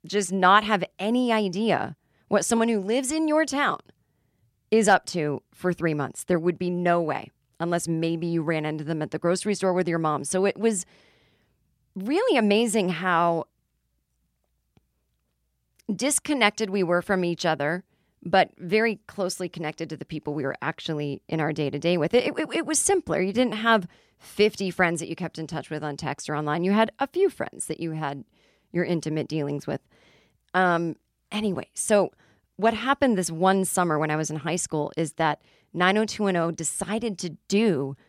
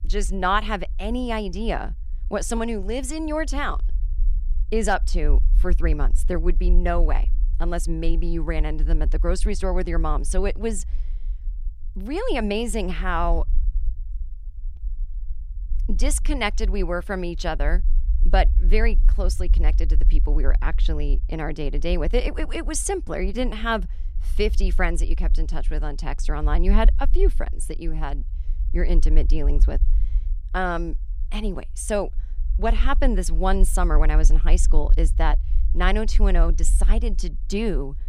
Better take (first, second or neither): first